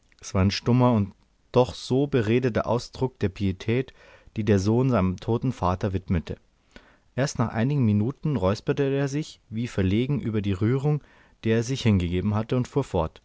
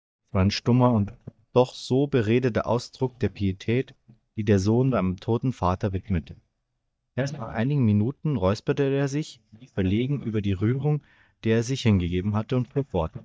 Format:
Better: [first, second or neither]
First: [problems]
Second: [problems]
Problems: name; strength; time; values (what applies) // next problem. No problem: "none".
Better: first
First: none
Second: noise reduction (neural mask model DeepFilterNet 3)